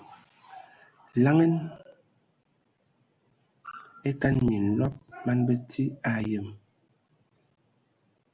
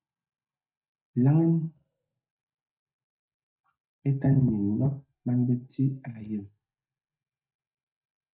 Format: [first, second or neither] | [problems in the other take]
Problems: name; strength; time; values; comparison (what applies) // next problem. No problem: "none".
first | noise reduction (neural mask model DeepFilterNet 3)